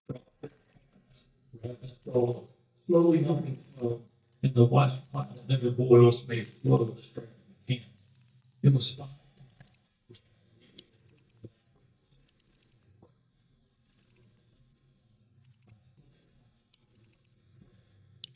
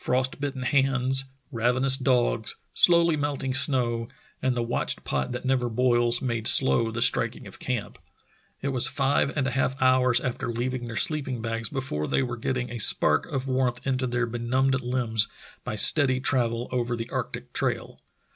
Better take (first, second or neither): second